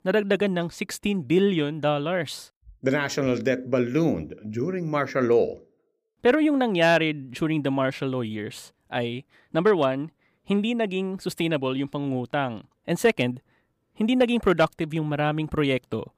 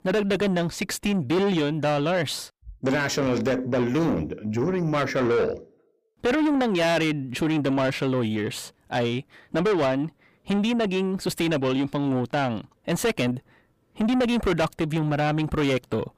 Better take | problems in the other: first | distortion; heavy; 7 dB below the speech

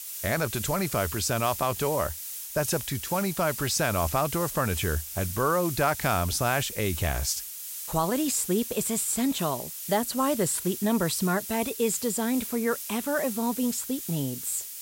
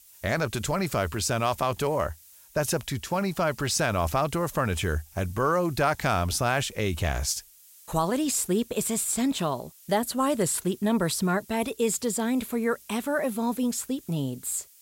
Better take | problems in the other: second | hiss; loud; throughout; 7 dB below the speech; faint in the second

